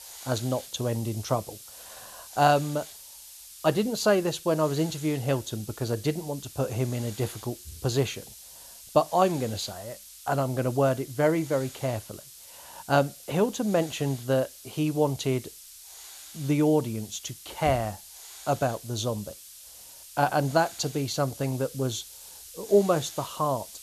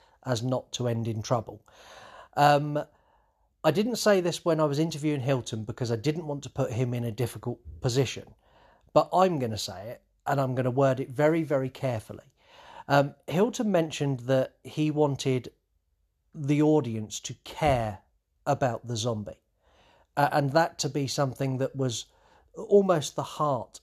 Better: second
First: hiss; noticeable; throughout; 15 dB below the speech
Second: none

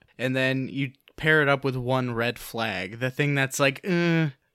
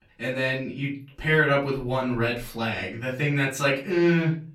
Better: first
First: none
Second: off-mic speech; far // room echo; slight; dies away in 0.3 s

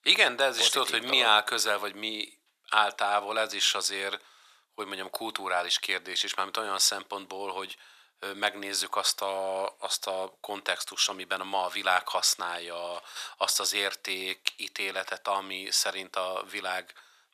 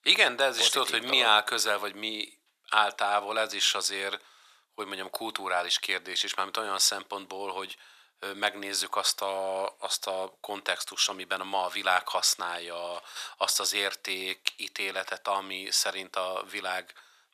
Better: neither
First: thin; very; fading below 800 Hz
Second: thin; very; fading below 800 Hz

